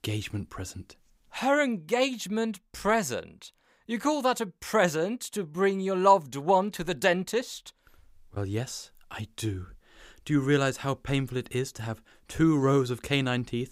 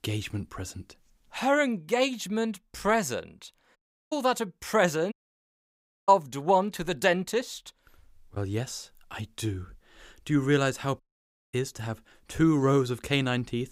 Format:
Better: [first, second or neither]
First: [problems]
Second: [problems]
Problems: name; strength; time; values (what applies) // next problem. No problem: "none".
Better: first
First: none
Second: audio cutting out; at 4 s, at 5 s for 1 s and at 11 s for 0.5 s